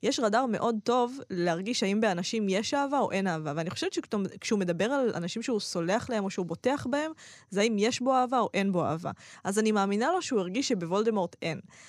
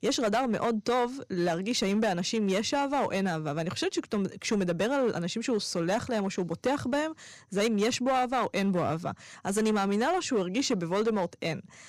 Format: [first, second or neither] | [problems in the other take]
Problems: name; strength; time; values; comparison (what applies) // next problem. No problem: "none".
first | distortion; slight; 8% of the sound clipped